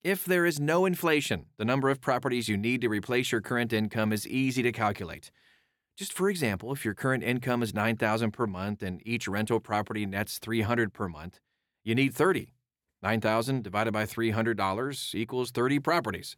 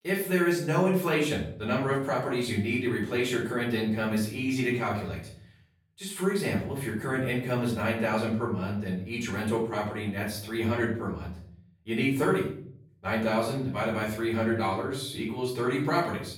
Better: first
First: none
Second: off-mic speech; far // room echo; noticeable; dies away in 0.6 s

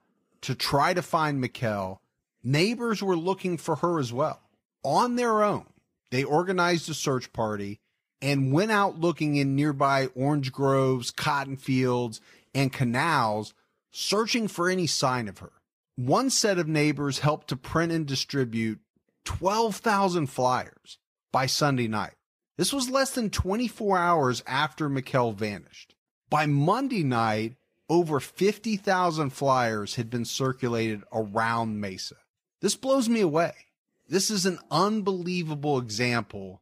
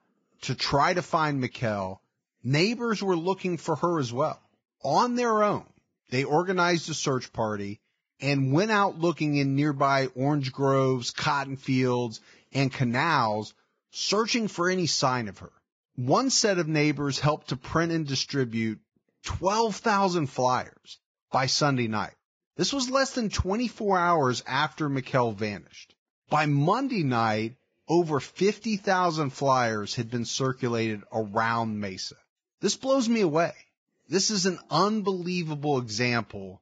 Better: first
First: garbled, watery; slightly; nothing above 15 kHz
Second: garbled, watery; badly; nothing above 7.5 kHz

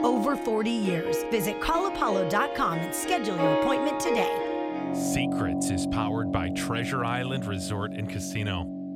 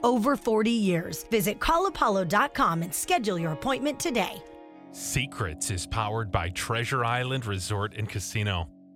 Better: second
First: background music; loud; throughout; as loud as the speech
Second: background music; faint; throughout; 20 dB below the speech

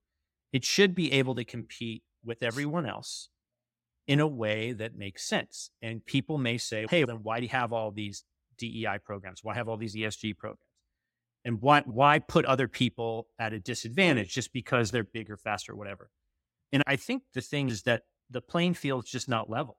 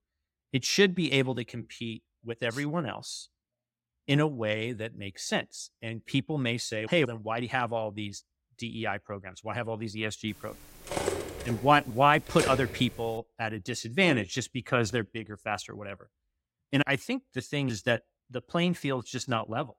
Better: first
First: none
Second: clattering dishes; noticeable; from 11 to 13 s; peak 2 dB below the speech

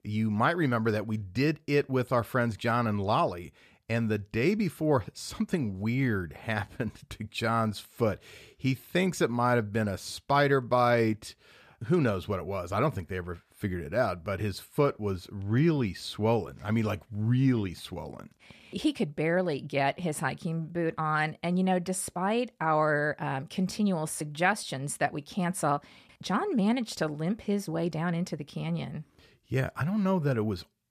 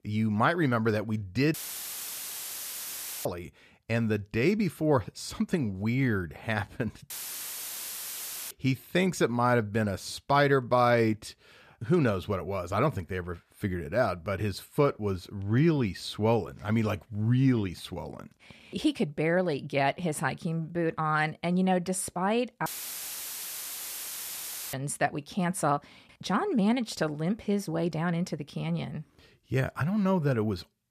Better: first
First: none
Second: audio cutting out; filled with static; at 1.5 s for 1.5 s, at 7 s for 1.5 s and at 23 s for 2 s

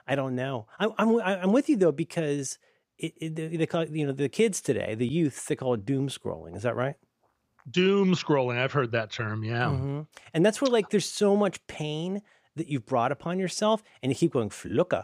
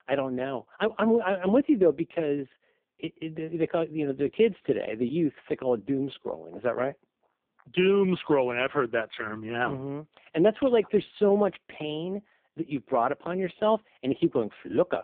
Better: first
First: none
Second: phone-call audio; poor line

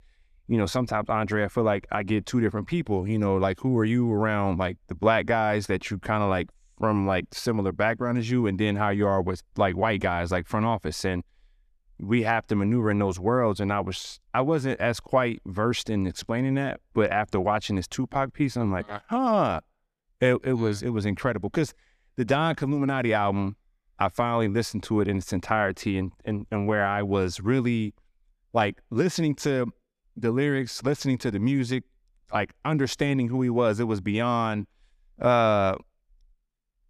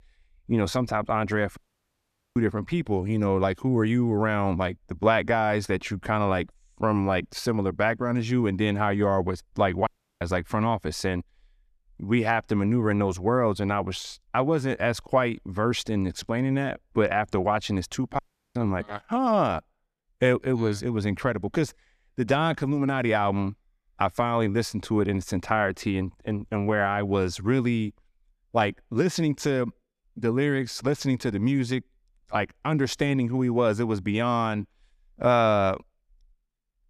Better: first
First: none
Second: audio cutting out; at 1.5 s for 1 s, at 10 s and at 18 s

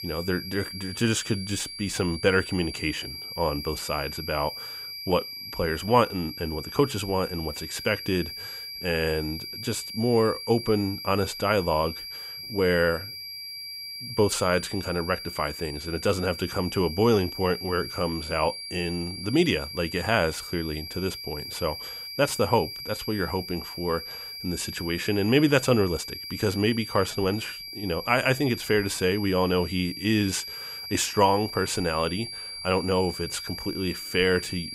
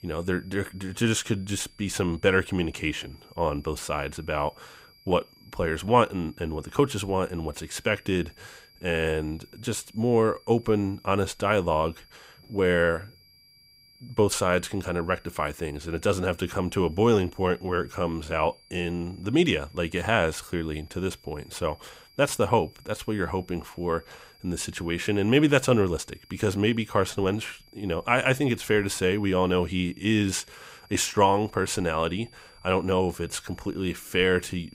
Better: second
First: high-pitched whine; loud; throughout; 5 kHz, 9 dB below the speech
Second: high-pitched whine; faint; throughout; 5 kHz, 30 dB below the speech

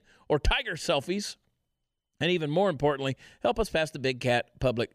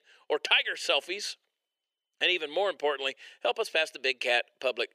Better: first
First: none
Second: thin; very; fading below 400 Hz

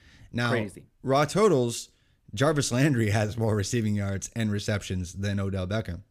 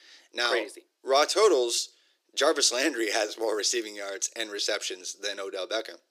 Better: first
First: none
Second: thin; very; fading below 350 Hz

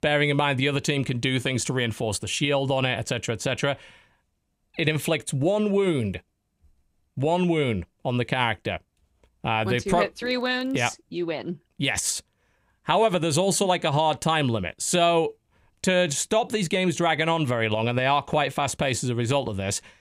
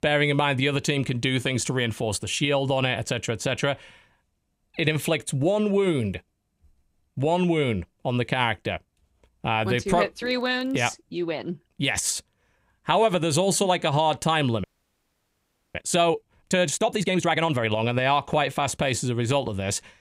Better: first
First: none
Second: audio freezing; at 15 s for 1 s

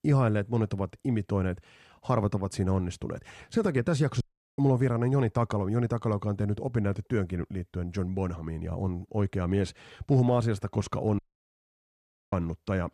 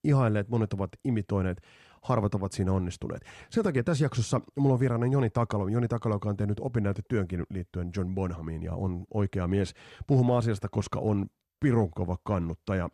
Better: second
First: audio cutting out; at 4 s and at 11 s for 1 s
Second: none

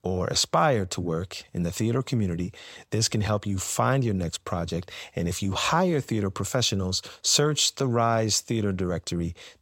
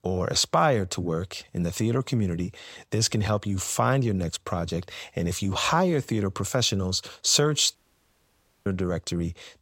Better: first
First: none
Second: audio cutting out; at 8 s for 1 s

